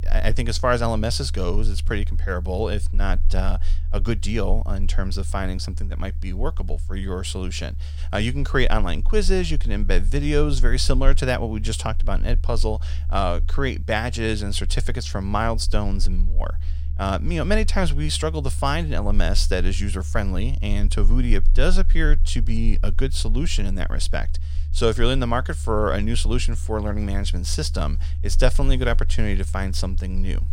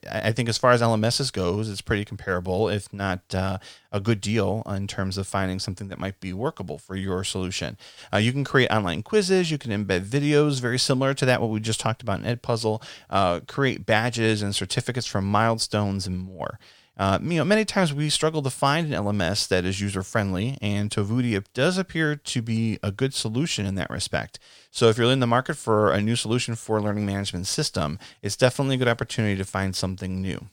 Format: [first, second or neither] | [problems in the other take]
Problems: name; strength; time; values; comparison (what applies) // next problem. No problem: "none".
second | low rumble; faint; throughout; 20 dB below the speech